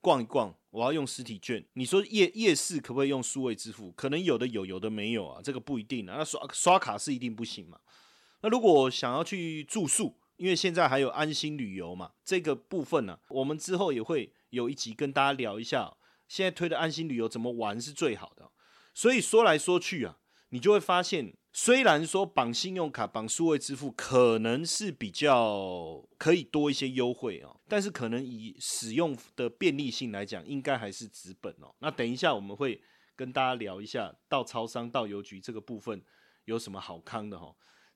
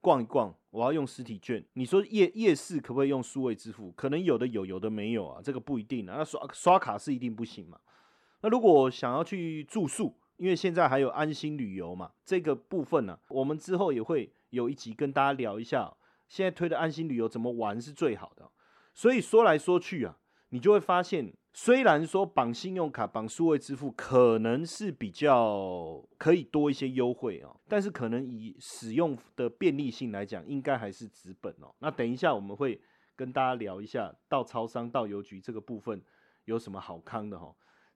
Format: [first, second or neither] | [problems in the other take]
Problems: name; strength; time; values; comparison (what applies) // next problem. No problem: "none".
first | muffled; slightly; fading above 2.5 kHz